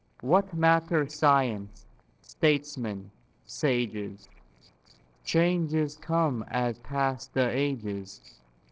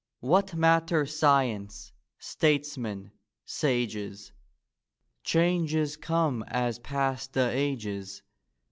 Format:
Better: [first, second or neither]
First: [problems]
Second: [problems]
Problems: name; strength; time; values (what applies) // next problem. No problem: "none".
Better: second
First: noise reduction (neural separator model SepFormer DNS4)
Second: none